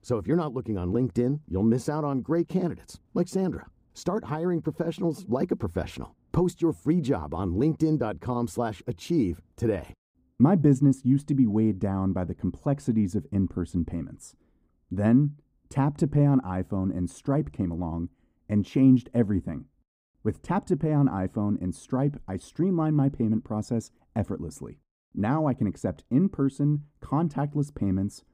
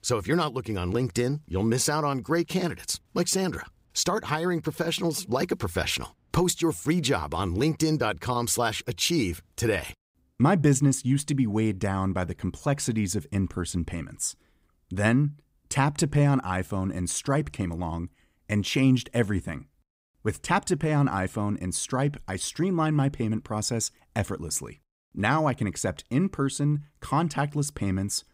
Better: second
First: muffled; slightly; fading above 1.5 kHz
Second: none

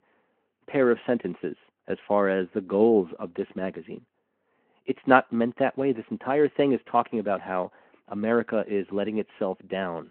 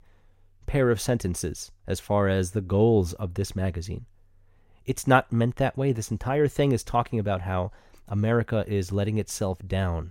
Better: second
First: phone-call audio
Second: none

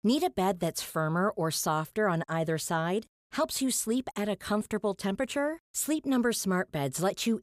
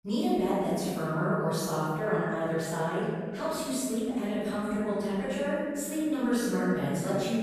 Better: first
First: none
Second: off-mic speech; far // room echo; strong; dies away in 2.3 s

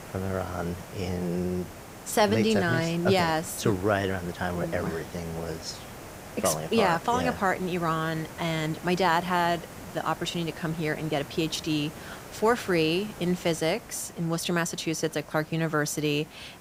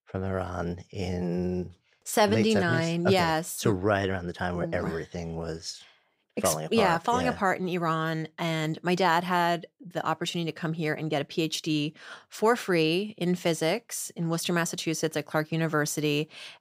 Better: second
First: hiss; noticeable; throughout; 15 dB below the speech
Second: none

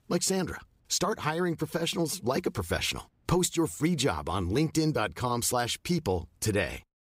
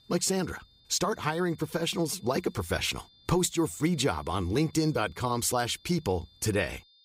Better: first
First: none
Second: high-pitched whine; faint; throughout; 3.5 kHz, 30 dB below the speech

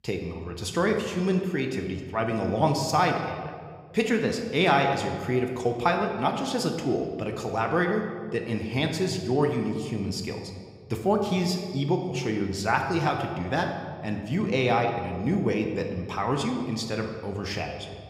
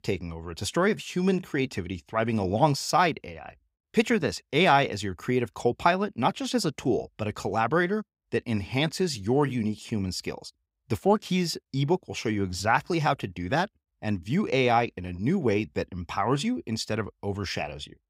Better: second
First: room echo; slight; dies away in 1.4 s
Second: none

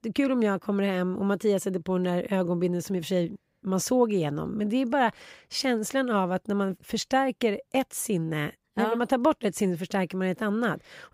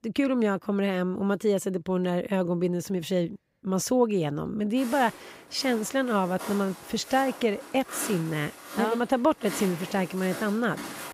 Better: first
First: none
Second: footsteps; noticeable; from 5 s on; peak 8 dB below the speech

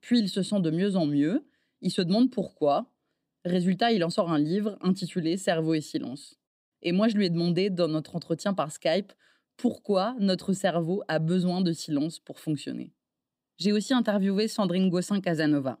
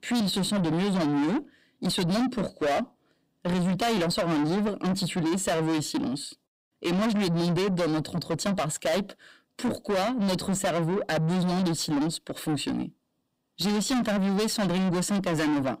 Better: first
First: none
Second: distortion; heavy; 6 dB below the speech

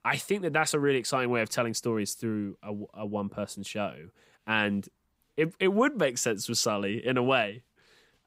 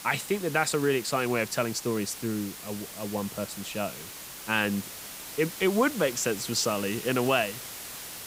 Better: first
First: none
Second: hiss; noticeable; throughout; 10 dB below the speech

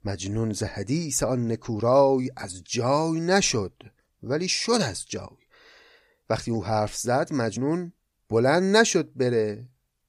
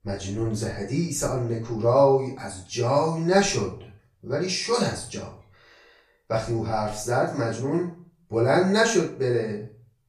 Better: first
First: none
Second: off-mic speech; far // room echo; slight; dies away in 0.4 s

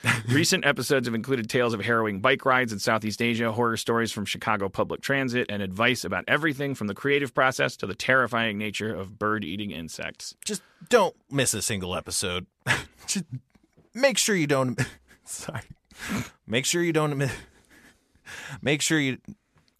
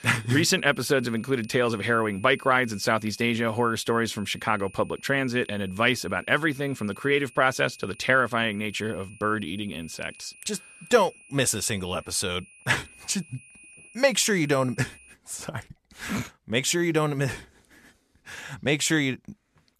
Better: first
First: none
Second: high-pitched whine; faint; until 15 s; 2.5 kHz, 25 dB below the speech

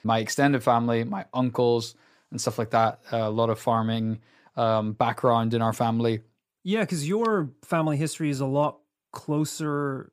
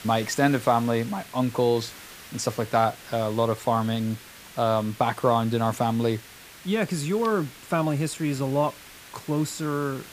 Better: first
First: none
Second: hiss; noticeable; throughout; 20 dB below the speech

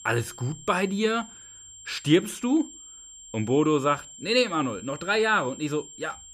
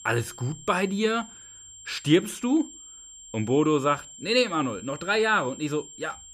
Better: neither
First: high-pitched whine; noticeable; throughout; 7.5 kHz, 15 dB below the speech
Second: high-pitched whine; noticeable; throughout; 7.5 kHz, 15 dB below the speech

